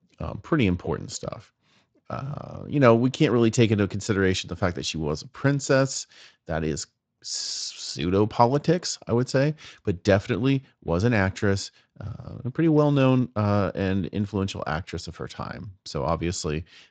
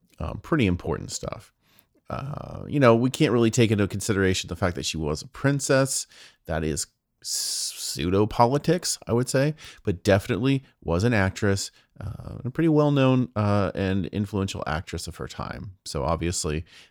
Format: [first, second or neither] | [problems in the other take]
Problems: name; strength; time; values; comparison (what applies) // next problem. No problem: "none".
second | garbled, watery; slightly; nothing above 7.5 kHz